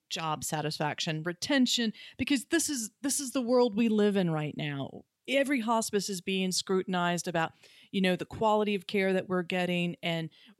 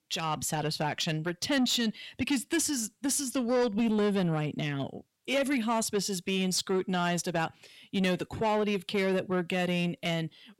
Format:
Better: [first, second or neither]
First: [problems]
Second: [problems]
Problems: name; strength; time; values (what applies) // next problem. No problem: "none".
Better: first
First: none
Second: distortion; slight; 10 dB below the speech